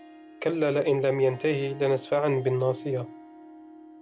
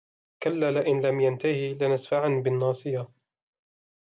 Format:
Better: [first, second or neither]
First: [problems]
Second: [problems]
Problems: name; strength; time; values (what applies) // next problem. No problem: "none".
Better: second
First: background sound (Harp); 19 dB below the speech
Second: none